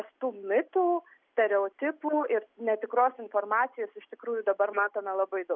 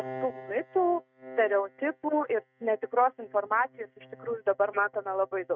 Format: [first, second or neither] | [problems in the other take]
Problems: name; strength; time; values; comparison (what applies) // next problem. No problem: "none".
first | noise reduction (neural mask model RNNoise)